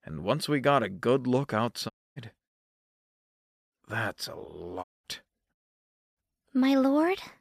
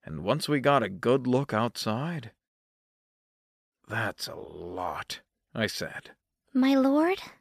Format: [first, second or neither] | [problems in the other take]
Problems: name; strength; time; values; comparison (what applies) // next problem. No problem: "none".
second | audio cutting out; at 2 s, at 5 s and at 5.5 s for 0.5 s